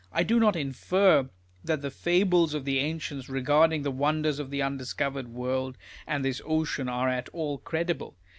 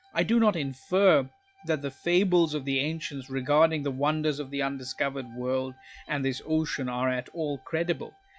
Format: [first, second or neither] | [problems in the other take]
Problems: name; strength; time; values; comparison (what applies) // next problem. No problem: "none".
first | noise reduction (classical method log-MMSE)